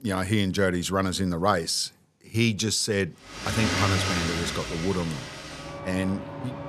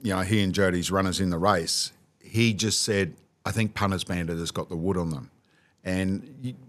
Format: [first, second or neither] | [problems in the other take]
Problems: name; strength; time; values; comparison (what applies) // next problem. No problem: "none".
second | traffic noise; loud; from 3.5 s on; 4 dB below the speech